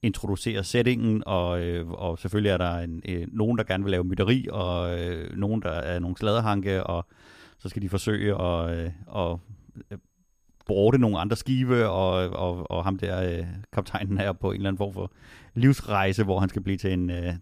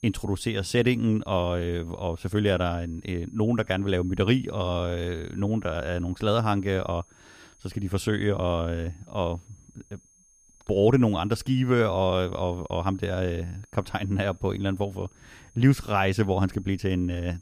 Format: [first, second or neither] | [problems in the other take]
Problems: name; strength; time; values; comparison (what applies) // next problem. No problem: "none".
first | high-pitched whine; faint; throughout; 6.5 kHz, 30 dB below the speech